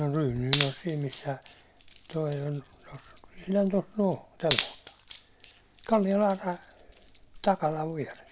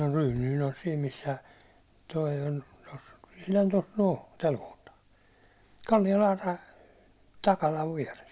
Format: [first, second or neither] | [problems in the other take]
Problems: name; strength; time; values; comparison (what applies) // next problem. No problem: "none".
second | background sound (Wood); 10 dB below the speech